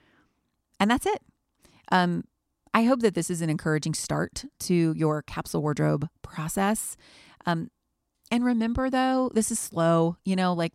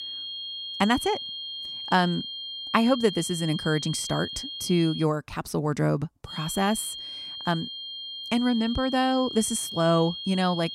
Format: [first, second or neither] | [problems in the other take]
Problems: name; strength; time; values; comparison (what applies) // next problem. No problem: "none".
first | high-pitched whine; loud; until 5 s and from 6.5 s on; 3 kHz, 8 dB below the speech